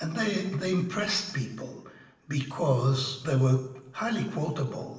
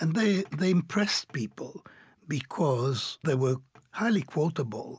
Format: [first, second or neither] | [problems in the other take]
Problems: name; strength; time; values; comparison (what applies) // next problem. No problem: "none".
second | room echo; dies away in 0.9 s